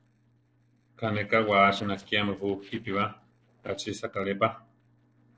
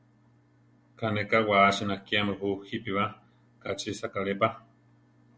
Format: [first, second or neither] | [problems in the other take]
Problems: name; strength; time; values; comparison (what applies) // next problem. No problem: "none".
second | noise reduction (neural separator model SepFormer DNS4)